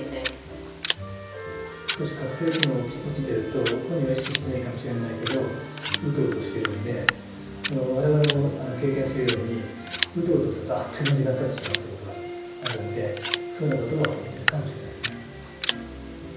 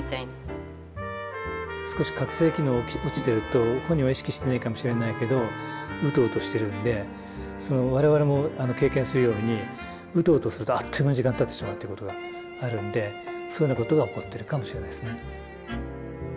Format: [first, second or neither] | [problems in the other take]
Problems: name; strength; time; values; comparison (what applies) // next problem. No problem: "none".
second | background sound (Scissors); 7 dB below the speech // room echo; dies away in 0.9 s